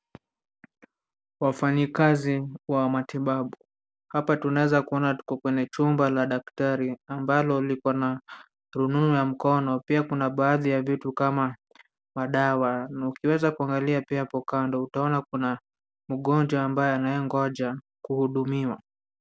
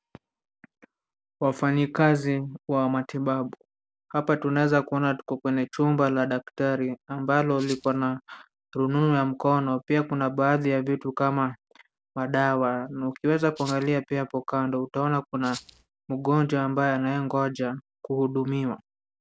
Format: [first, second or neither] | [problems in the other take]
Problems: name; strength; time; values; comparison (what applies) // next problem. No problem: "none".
first | background sound (Rattle (instrument)); 17 dB below the speech